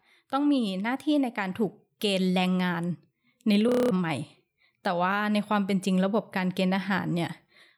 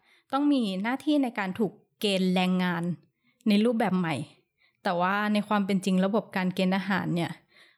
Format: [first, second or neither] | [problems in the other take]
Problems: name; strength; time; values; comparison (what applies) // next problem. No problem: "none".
second | audio freezing; at 3.5 s